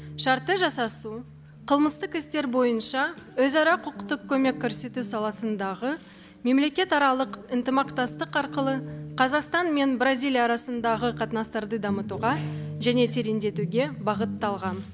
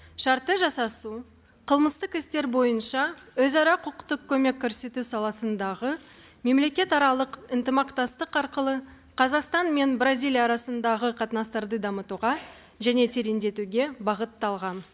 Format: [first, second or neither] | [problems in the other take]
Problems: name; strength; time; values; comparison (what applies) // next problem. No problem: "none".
second | background sound (Guitar); 12 dB below the speech